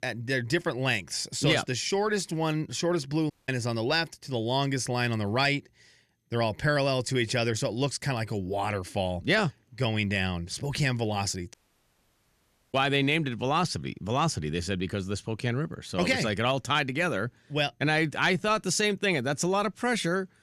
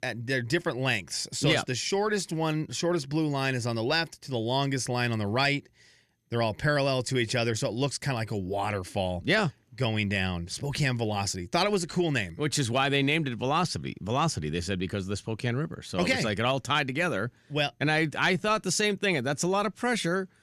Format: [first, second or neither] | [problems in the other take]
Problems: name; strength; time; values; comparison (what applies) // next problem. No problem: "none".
second | audio cutting out; at 3.5 s and at 12 s for 1 s